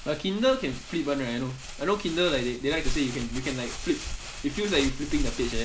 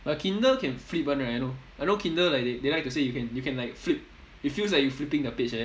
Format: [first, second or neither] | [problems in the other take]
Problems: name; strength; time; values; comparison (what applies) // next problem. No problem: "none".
second | background sound (Crumpling, crinkling); 6 dB below the speech